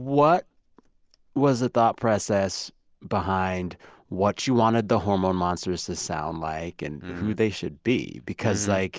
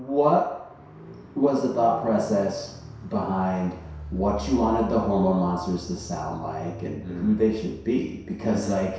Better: first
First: none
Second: background sound (Car); 15 dB below the speech // room echo; dies away in 0.7 s

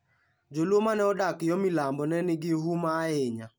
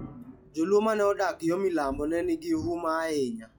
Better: first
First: none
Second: noise reduction (classical method log-MMSE)

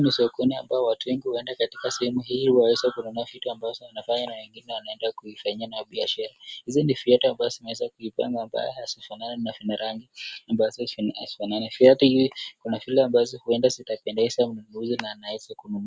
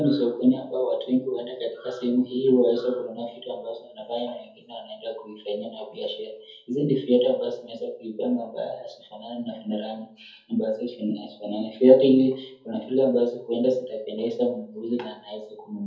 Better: first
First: none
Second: room echo; dies away in 0.5 s

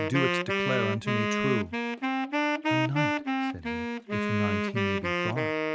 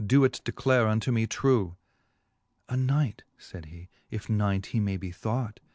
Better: second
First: background sound (Wind instrument, woodwind instrument); 5 dB above the speech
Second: none

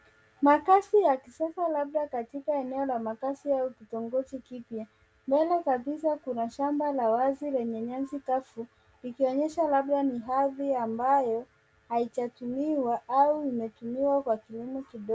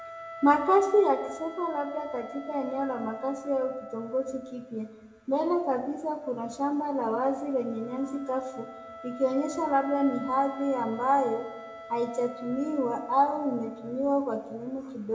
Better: first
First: none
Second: background sound (Wind instrument, woodwind instrument); 16 dB below the speech // room echo; dies away in 0.5 s

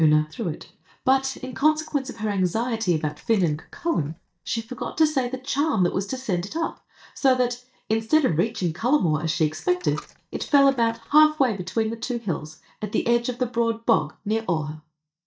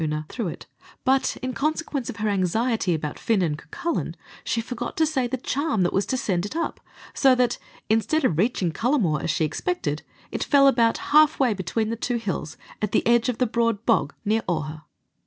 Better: second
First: noise reduction (neural mask model DeepFilterNet 3)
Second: none

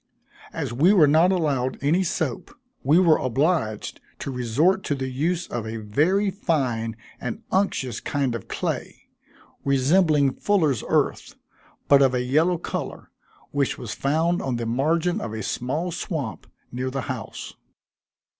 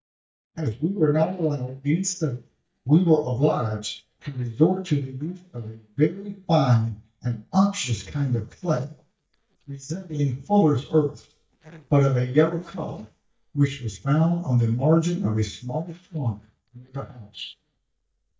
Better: first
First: none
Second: noise reduction (neural mask model DeepFilterNet 3)

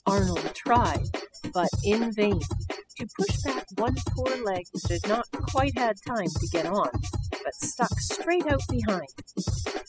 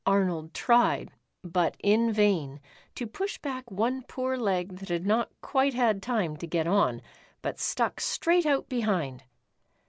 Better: second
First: noise reduction (classical method spectral subtraction)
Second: none

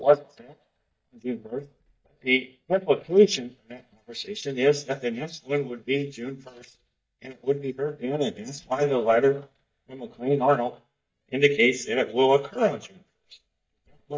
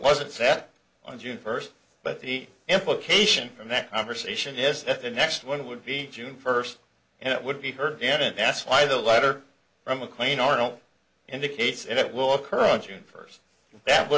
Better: second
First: noise reduction (neural mask model DeepFilterNet 3)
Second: none

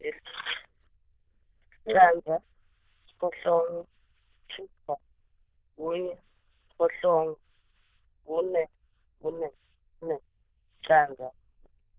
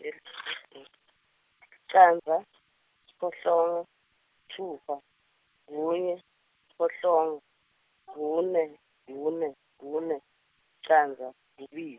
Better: second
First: noise reduction (neural diffusion model UNIVERSE++)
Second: none

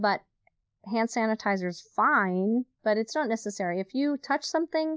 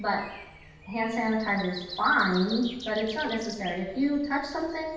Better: first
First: none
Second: background sound (Breathing); 14 dB below the speech // room echo; dies away in 0.9 s

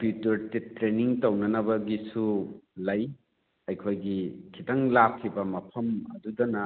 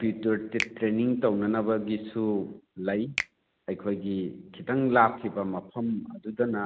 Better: first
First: none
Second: background sound (Finger snapping); 13 dB below the speech

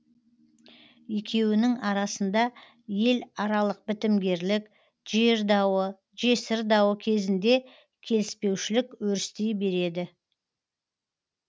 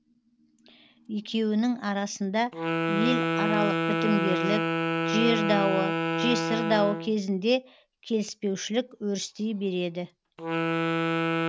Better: first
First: none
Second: background sound (Wind instrument, woodwind instrument); 1 dB below the speech

